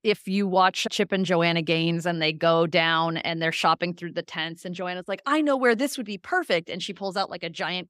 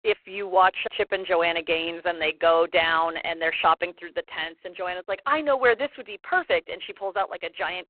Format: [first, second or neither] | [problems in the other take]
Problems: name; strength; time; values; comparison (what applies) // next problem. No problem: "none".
first | phone-call audio; poor line